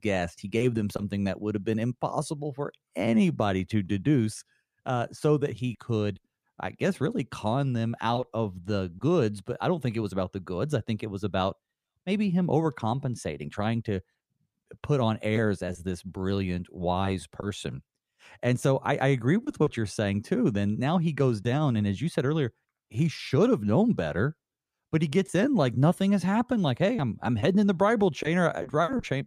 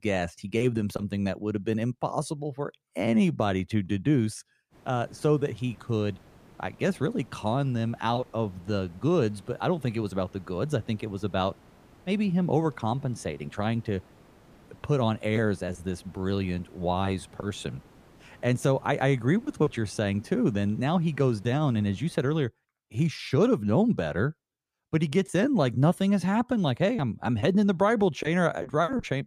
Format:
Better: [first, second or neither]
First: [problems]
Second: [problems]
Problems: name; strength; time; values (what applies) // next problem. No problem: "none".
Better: first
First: none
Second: hiss; faint; from 4.5 to 22 s; 30 dB below the speech